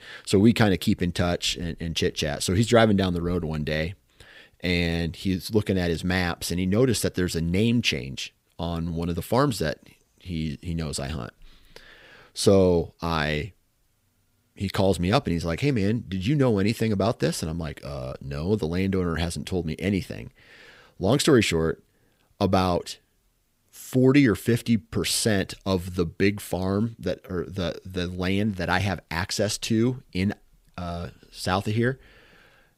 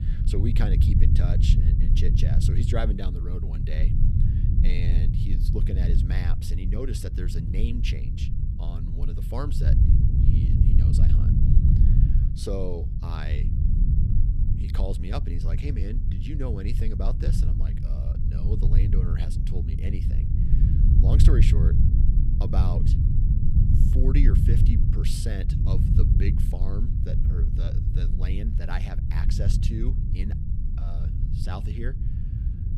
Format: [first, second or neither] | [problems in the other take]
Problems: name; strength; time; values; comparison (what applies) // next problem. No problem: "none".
first | low rumble; loud; throughout; as loud as the speech